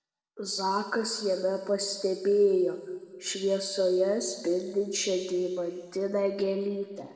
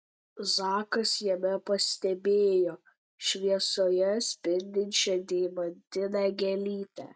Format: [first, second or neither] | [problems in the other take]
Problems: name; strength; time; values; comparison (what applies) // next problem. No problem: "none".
second | room echo; dies away in 1.7 s